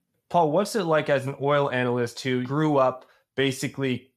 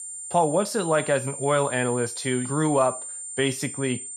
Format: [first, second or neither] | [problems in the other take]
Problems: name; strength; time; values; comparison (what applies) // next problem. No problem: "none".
first | high-pitched whine; loud; throughout; 9 kHz, 8 dB below the speech